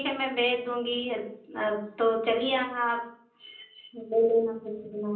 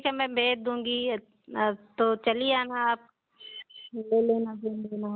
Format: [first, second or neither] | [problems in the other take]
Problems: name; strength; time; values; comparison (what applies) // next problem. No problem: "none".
second | room echo; dies away in 0.6 s